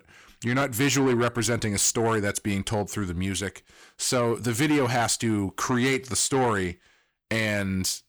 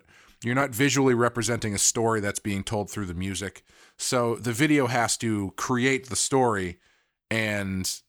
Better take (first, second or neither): second